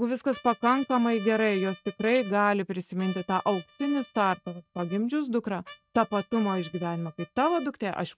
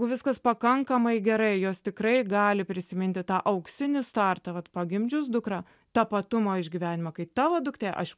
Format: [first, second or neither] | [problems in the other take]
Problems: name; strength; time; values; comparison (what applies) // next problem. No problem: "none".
second | noise reduction (neural mask model RNNoise)